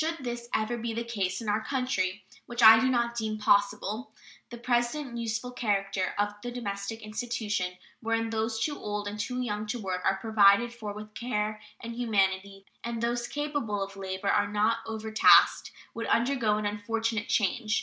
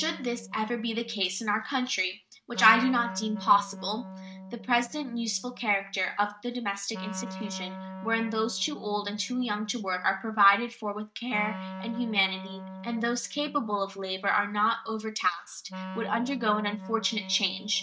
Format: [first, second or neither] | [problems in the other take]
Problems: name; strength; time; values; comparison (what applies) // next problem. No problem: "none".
first | noise reduction (neural mask model RNNoise)